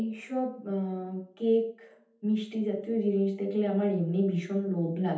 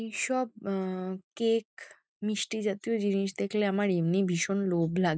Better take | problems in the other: second | room echo; dies away in 0.6 s

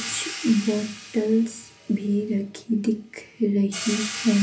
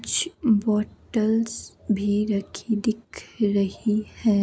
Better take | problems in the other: second | background sound (Hi-hat); 12 dB below the speech // room echo; dies away in 0.3 s

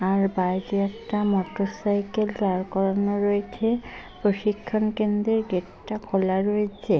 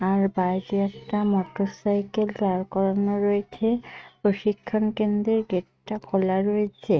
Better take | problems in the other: first | noise reduction (neural mask model RNNoise)

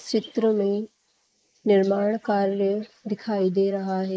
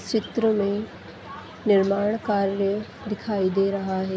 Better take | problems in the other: second | noise reduction (neural mask model Resemble Enhance denoiser)

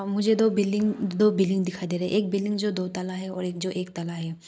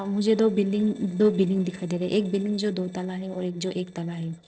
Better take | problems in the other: first | noise reduction (neural separator model SepFormer DNS4)

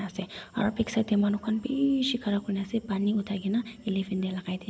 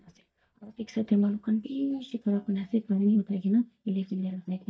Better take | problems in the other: first | noise reduction (neural mask model DeepFilterNet 3)

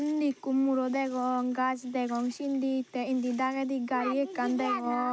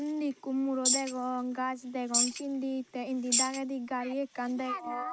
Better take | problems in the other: first | noise reduction (neural mask model Resemble Enhance denoiser)

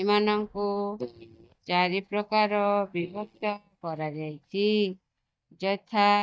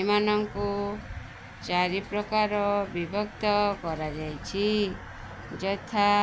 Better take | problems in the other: second | noise reduction (neural mask model DeepFilterNet 3)

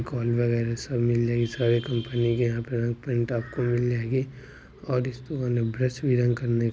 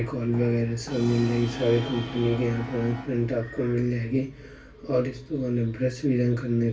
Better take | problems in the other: first | background sound (Brass instrument); 15 dB below the speech // room echo; dies away in 0.2 s

